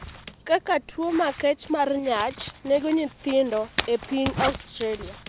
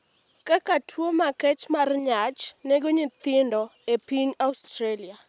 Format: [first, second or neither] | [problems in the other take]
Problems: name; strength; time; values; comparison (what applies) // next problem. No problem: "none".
second | background sound (Zipper (clothing)); 11 dB below the speech